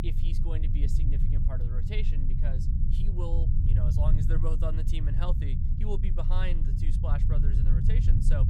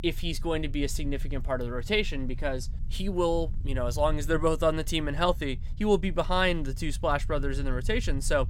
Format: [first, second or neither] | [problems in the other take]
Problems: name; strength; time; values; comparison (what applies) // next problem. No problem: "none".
second | low rumble; loud; throughout; 1 dB below the speech; faint in the second